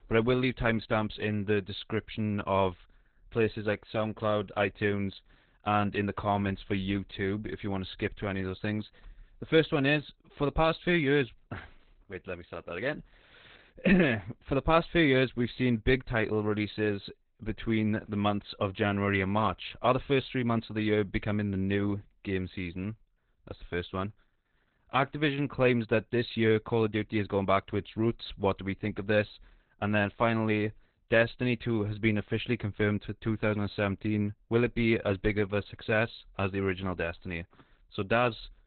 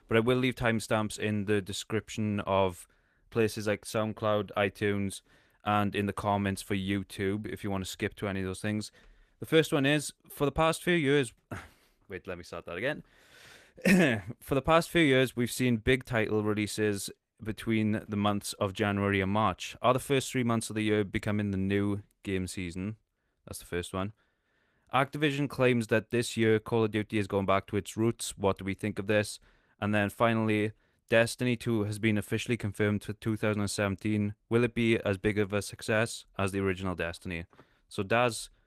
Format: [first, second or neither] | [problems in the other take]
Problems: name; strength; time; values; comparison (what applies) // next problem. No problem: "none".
second | garbled, watery; badly; nothing above 4 kHz; slightly in the second